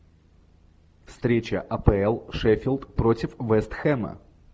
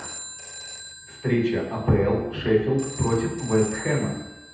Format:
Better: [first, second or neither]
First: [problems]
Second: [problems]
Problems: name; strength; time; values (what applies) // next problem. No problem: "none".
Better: first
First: none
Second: background sound (Telephone); 14 dB below the speech // room echo; dies away in 0.9 s